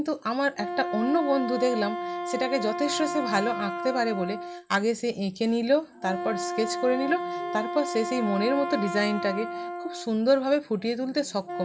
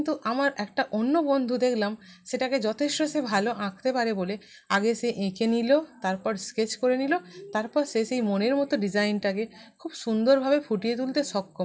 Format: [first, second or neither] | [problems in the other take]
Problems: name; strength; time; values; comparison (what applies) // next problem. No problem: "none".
second | background sound (Wind instrument, woodwind instrument); 6 dB below the speech